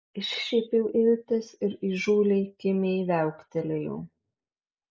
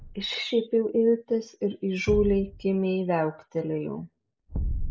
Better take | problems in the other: first | background sound (Thump, thud); 9 dB below the speech

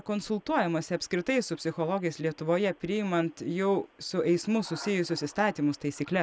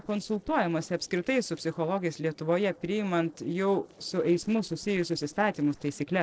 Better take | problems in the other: first | noise reduction (neural separator model SepFormer DNS4)

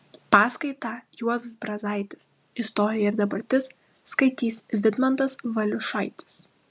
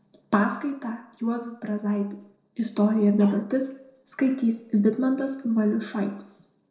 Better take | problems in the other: first | noise reduction (neural separator model SepFormer DNS4)

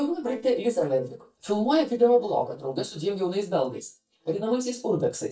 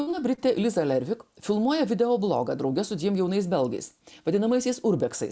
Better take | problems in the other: second | noise reduction (neural mask model DeepFilterNet 3)

